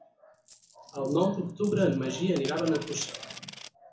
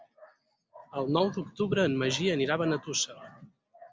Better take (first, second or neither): second